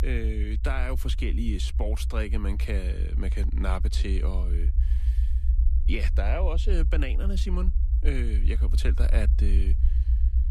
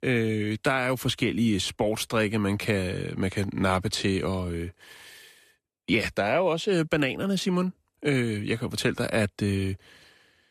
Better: second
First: low rumble; noticeable; throughout; 10 dB below the speech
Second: none

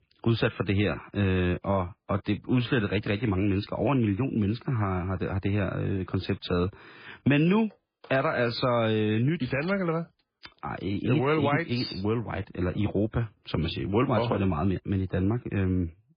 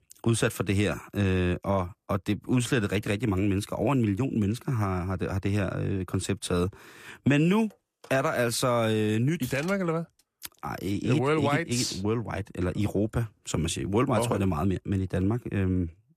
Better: second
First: garbled, watery; badly; nothing above 4.5 kHz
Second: none

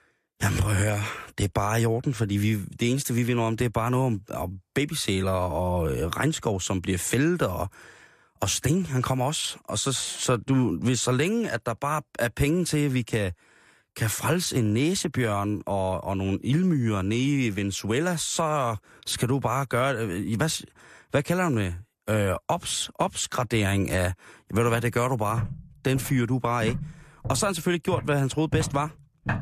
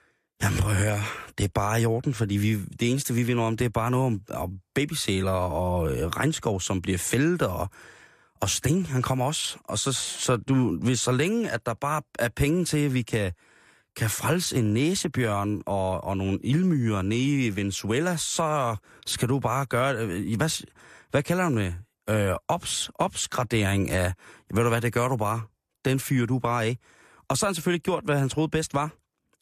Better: second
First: footsteps; noticeable; from 25 s on; peak 5 dB below the speech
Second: none

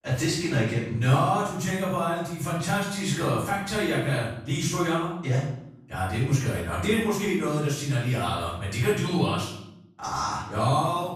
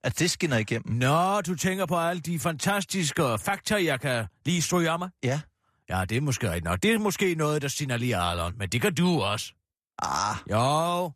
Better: second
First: off-mic speech; far // room echo; noticeable; dies away in 0.6 s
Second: none

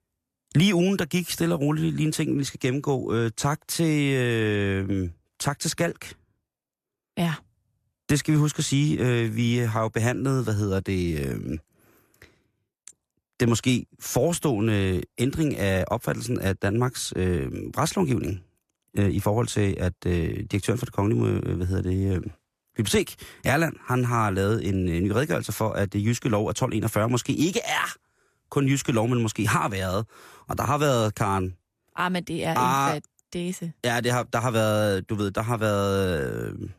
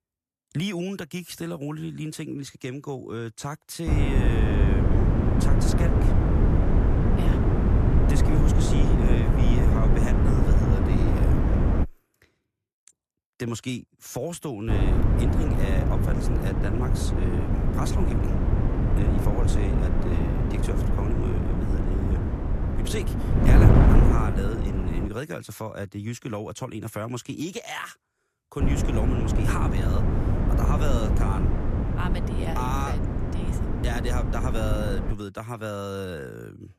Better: first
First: none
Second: wind noise on the microphone; heavy; from 4 to 12 s, from 15 to 25 s and from 29 to 35 s; 2 dB above the speech

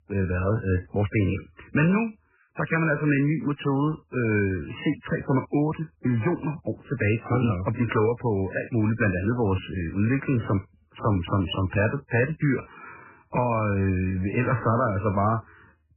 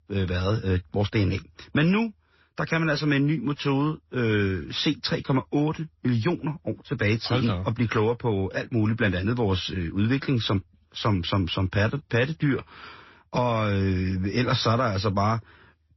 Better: second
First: garbled, watery; badly; nothing above 3 kHz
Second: garbled, watery; slightly; nothing above 5.5 kHz

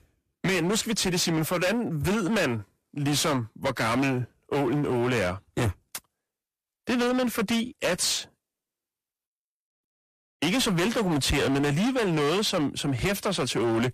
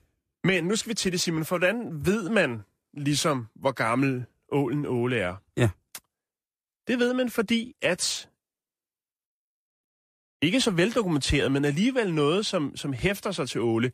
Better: second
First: distortion; heavy; 22% of the sound clipped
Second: none

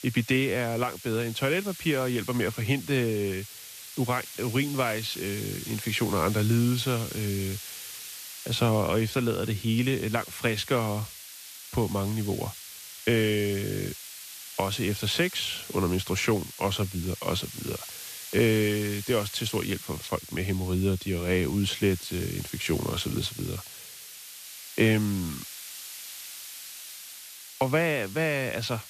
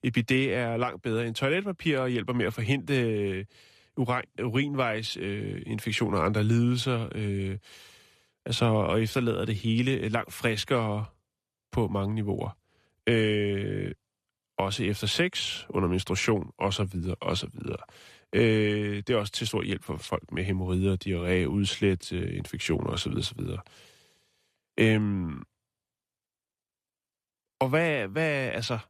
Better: second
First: hiss; noticeable; throughout; 10 dB below the speech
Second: none

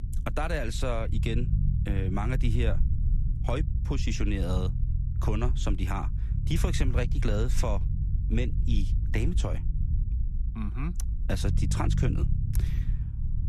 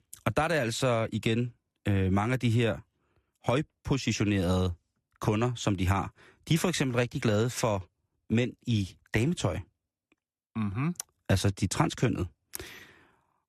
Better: second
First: low rumble; loud; throughout; 10 dB below the speech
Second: none

